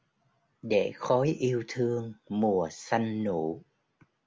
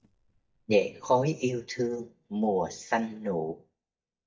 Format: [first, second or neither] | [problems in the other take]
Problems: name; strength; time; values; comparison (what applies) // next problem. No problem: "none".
first | noise reduction (neural mask model DeepFilterNet 3)